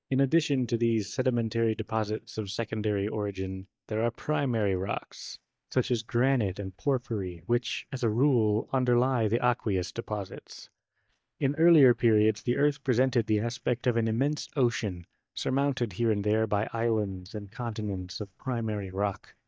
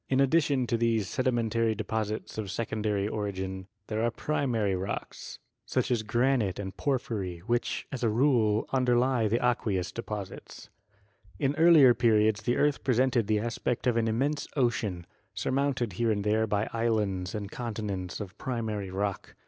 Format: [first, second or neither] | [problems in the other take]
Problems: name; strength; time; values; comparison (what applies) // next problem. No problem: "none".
second | noise reduction (neural mask model DeepFilterNet 3)